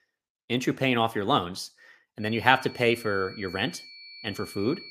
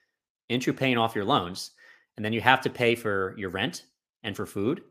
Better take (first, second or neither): second